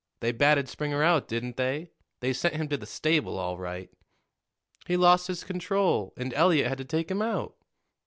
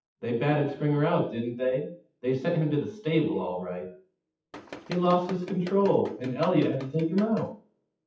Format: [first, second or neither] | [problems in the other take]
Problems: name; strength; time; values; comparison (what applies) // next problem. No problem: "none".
first | noise reduction (classical method WPE with log-MMSE)